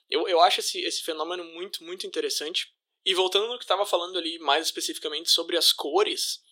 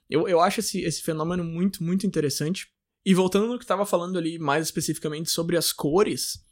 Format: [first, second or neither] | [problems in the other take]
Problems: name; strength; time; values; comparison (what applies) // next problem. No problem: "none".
second | thin; very; fading below 350 Hz